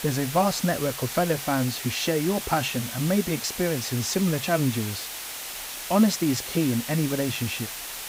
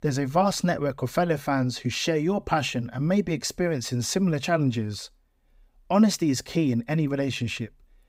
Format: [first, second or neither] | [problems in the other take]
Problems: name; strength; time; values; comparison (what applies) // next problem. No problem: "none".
second | hiss; loud; throughout; 7 dB below the speech